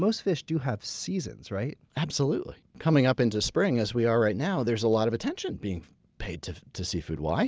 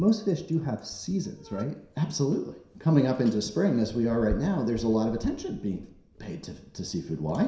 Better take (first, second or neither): first